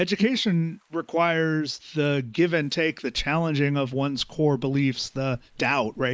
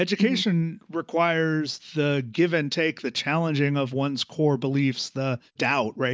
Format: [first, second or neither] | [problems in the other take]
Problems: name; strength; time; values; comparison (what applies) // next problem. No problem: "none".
second | noise reduction (neural mask model Resemble Enhance denoiser)